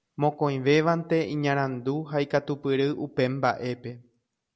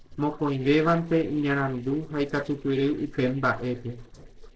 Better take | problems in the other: first | noise reduction (neural separator model SepFormer DNS4)

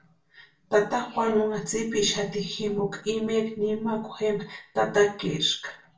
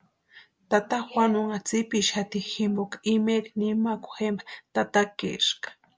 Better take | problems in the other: second | room echo; dies away in 0.3 s

